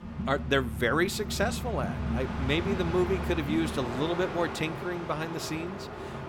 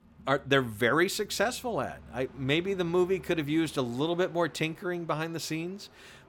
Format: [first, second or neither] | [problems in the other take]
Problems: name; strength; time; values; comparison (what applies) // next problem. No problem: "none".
second | train or aircraft noise; loud; throughout; 4 dB below the speech; faint in the second